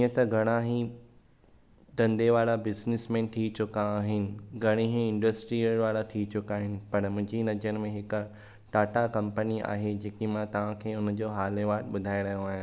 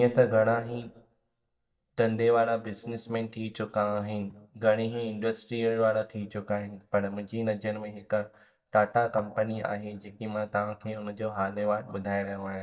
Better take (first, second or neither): first